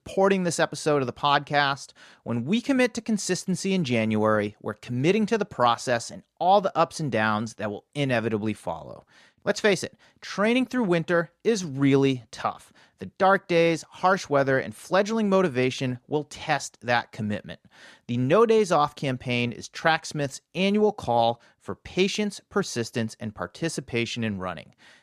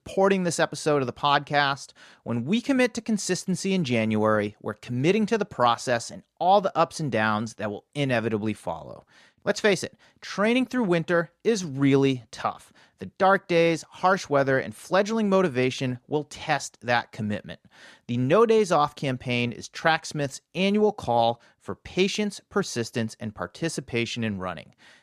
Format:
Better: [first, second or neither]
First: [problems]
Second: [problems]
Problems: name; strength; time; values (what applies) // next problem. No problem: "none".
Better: neither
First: none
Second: none